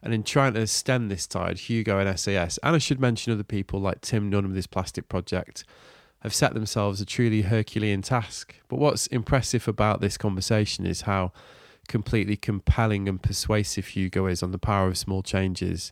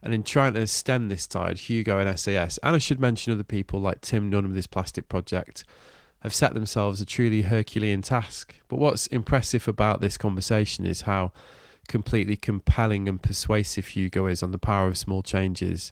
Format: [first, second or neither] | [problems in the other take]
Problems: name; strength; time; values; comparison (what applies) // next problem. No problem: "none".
first | garbled, watery; slightly